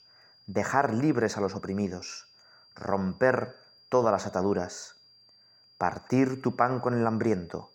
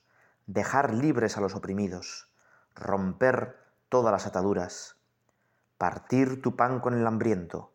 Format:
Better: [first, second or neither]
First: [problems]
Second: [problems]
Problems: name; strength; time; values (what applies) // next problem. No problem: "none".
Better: second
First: high-pitched whine; faint; throughout; 4.5 kHz, 30 dB below the speech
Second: none